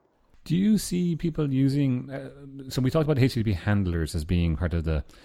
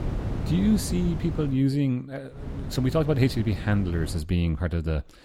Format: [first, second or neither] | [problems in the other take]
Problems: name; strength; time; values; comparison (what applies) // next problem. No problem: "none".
first | wind noise on the microphone; occasional gusts; until 1.5 s and from 2.5 to 4 s; 10 dB below the speech